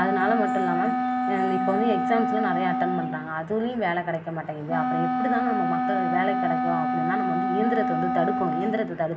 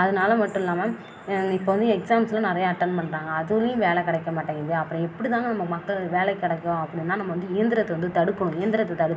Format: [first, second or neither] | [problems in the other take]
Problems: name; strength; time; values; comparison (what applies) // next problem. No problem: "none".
second | background sound (Wind instrument, woodwind instrument); 1 dB above the speech